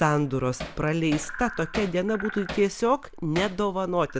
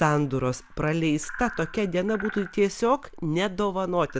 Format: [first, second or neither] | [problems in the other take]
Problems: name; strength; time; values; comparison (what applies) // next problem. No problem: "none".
second | background sound (Hammer); 14 dB below the speech